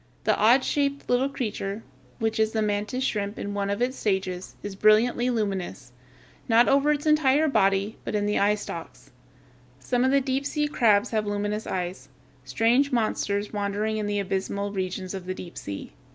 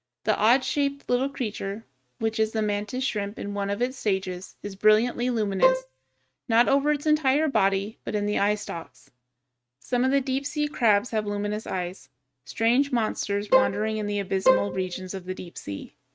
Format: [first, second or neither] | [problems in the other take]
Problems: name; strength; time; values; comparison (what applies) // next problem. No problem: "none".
first | noise reduction (neural mask model RNNoise)